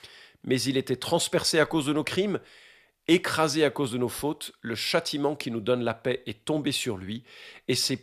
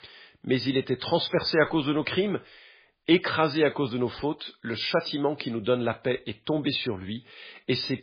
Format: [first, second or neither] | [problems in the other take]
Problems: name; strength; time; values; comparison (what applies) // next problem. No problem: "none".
first | garbled, watery; badly